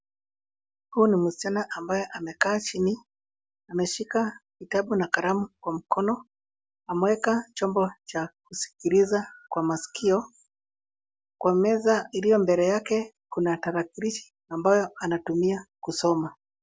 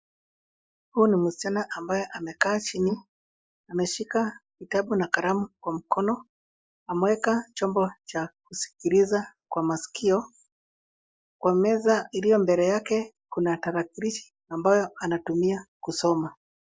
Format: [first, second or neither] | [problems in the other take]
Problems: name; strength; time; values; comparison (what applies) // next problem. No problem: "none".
first | noise reduction (neural mask model Resemble Enhance denoiser)